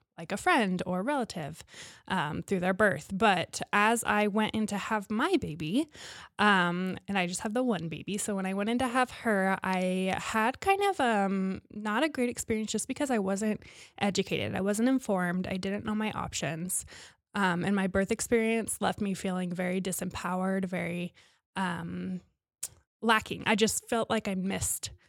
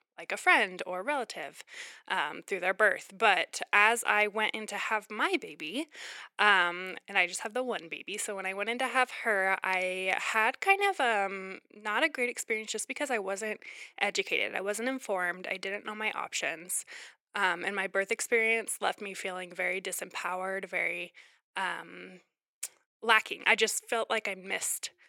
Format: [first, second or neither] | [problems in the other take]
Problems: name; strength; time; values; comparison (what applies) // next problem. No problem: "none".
first | thin; somewhat; fading below 350 Hz